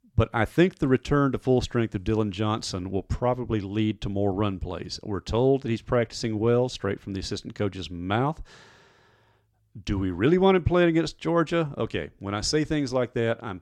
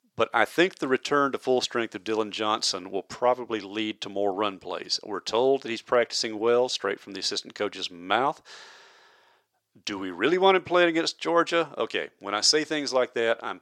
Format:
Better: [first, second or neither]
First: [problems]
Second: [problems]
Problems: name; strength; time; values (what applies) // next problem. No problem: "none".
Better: first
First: none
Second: thin; somewhat; fading below 500 Hz